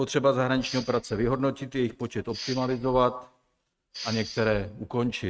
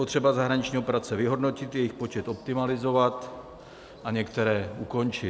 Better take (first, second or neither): second